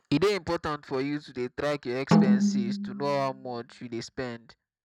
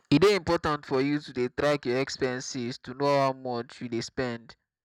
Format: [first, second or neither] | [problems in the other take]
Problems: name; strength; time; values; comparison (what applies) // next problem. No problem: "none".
second | background sound (Snare drum); 4 dB above the speech